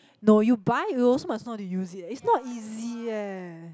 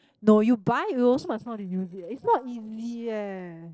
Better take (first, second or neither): first